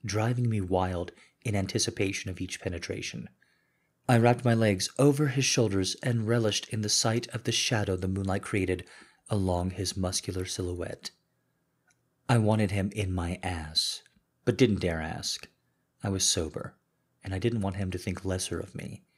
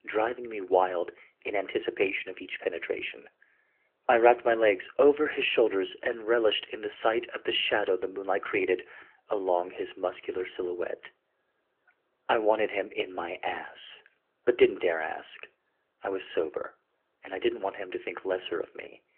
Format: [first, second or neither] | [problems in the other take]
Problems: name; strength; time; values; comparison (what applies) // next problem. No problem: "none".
first | phone-call audio; nothing above 3 kHz